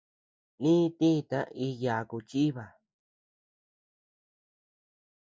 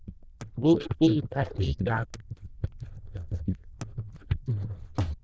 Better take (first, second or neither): first